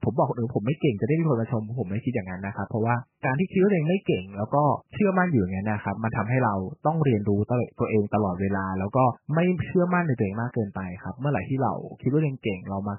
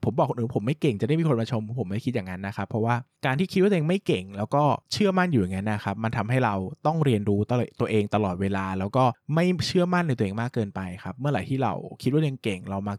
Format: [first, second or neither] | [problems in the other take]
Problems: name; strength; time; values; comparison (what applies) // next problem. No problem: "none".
second | garbled, watery; badly; nothing above 3 kHz